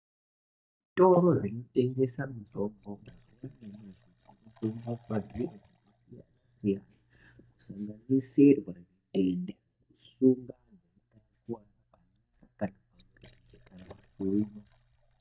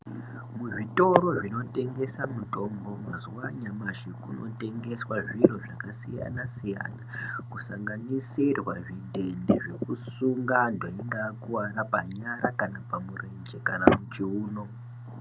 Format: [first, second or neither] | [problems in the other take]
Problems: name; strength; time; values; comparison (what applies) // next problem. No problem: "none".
second | noise reduction (neural mask model DeepFilterNet 3)